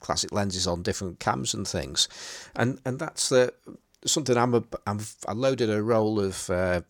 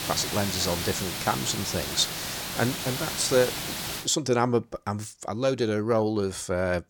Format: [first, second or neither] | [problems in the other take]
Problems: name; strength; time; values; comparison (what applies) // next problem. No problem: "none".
first | hiss; loud; until 4 s; 4 dB below the speech